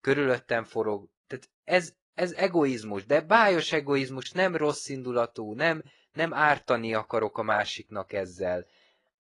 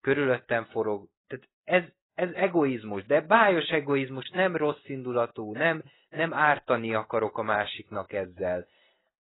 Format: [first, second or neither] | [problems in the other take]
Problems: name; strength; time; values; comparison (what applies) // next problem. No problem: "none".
first | garbled, watery; badly; nothing above 4 kHz; slightly in the first